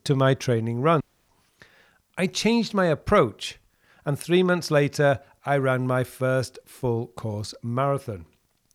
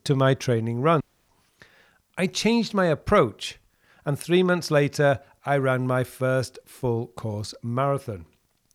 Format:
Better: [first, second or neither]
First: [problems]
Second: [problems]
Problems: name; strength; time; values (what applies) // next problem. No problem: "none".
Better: neither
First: audio cutting out; at 1 s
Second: audio cutting out; at 1 s